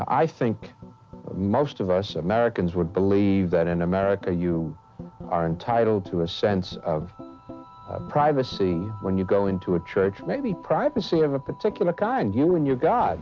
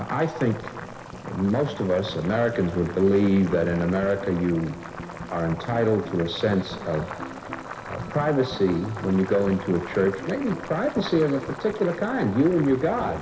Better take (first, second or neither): first